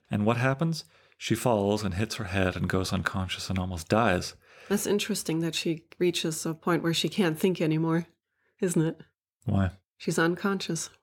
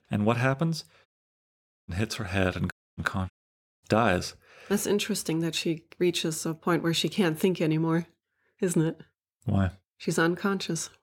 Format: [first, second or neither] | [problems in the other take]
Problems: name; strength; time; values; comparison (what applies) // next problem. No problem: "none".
first | audio cutting out; at 1 s for 1 s, at 2.5 s and at 3.5 s for 0.5 s